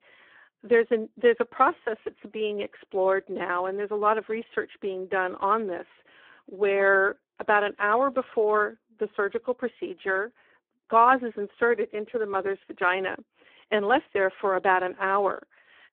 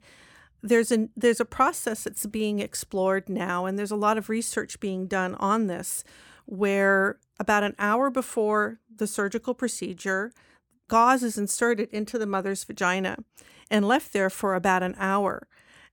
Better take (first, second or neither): second